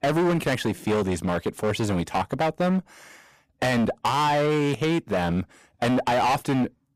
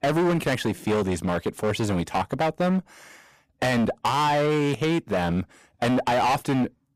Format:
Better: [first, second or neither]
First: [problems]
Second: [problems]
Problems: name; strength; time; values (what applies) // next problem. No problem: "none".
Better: neither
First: distortion; heavy; 21% of the sound clipped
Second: distortion; heavy; 21% of the sound clipped